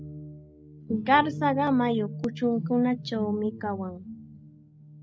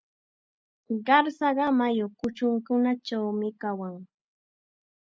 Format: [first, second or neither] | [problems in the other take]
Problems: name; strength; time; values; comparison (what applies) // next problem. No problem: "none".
second | background sound (Guitar); 10 dB below the speech